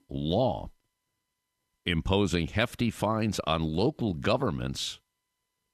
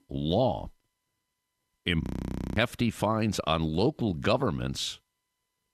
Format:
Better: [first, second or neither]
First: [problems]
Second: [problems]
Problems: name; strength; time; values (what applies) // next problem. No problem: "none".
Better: first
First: none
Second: audio freezing; at 2 s for 0.5 s